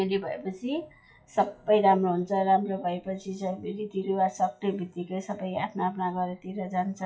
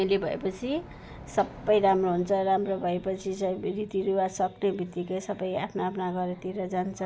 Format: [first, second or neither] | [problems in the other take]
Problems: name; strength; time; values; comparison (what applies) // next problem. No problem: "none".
second | noise reduction (classical method WPE with log-MMSE)